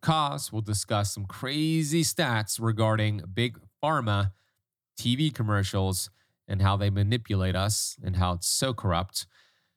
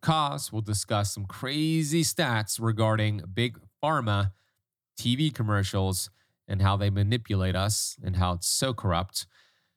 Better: neither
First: none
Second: none

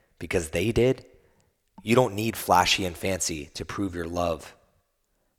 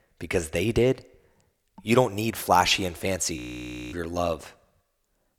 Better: first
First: none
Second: audio freezing; at 3.5 s for 0.5 s

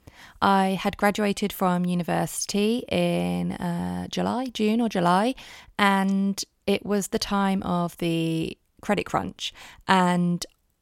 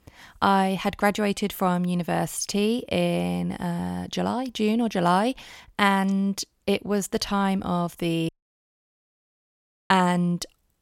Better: first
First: none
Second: audio cutting out; at 8.5 s for 1.5 s

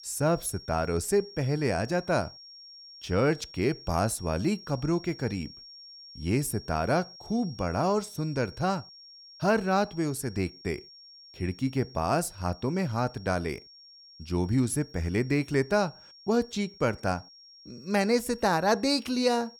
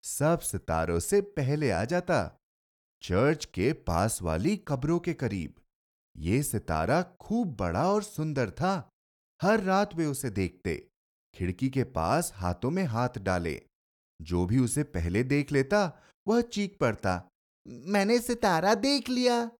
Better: second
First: high-pitched whine; noticeable; throughout; 5.5 kHz, 20 dB below the speech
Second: none

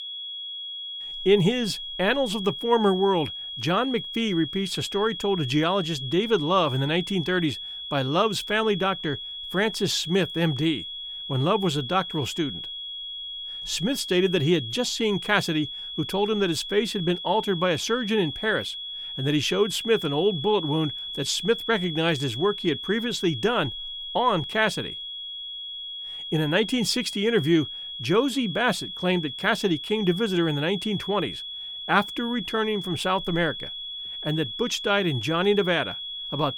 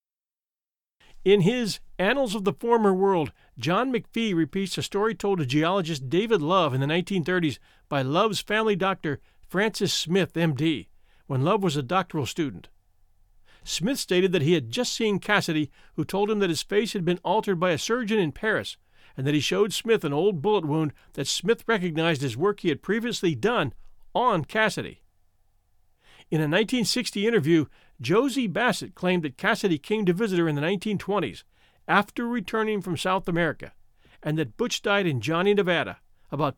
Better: second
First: high-pitched whine; loud; throughout; 3.5 kHz, 7 dB below the speech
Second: none

